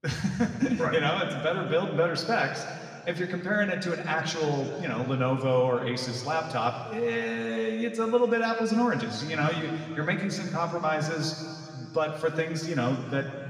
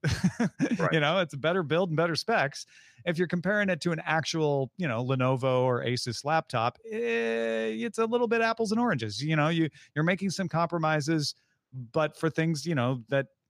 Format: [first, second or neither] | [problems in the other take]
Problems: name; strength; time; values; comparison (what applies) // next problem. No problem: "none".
second | room echo; noticeable; dies away in 2.4 s // off-mic speech; somewhat distant